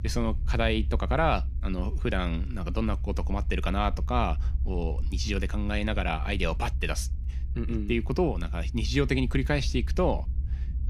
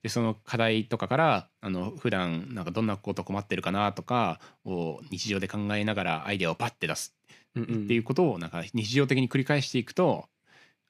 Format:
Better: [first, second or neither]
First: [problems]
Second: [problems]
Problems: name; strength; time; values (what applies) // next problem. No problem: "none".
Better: second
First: low rumble; faint; throughout; 20 dB below the speech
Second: none